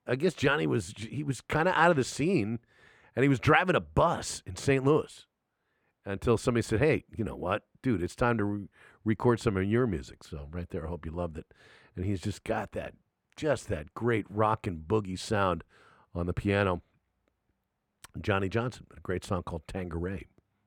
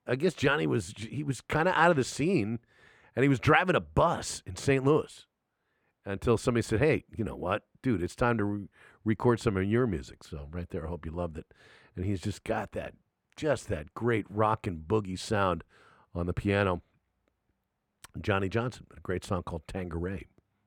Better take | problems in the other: neither | none

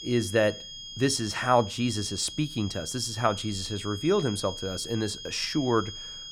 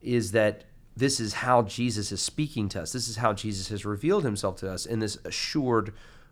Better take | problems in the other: second | high-pitched whine; noticeable; throughout; 3.5 kHz, 10 dB below the speech

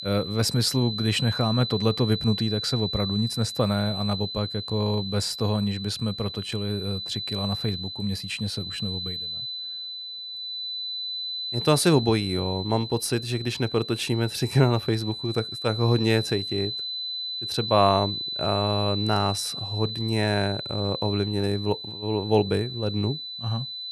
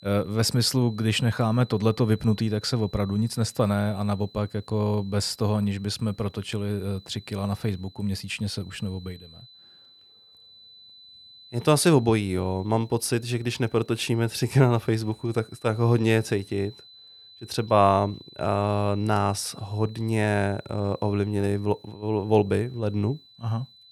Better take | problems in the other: second | high-pitched whine; loud; throughout; 4 kHz, 5 dB below the speech; faint in the second

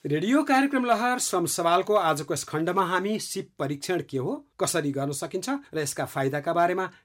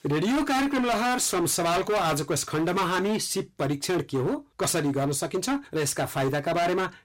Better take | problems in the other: first | distortion; heavy; 26% of the sound clipped

